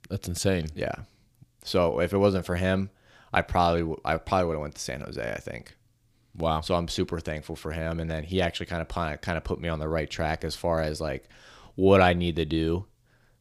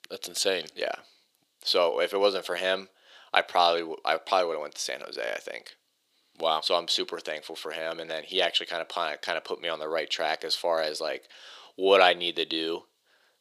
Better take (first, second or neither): first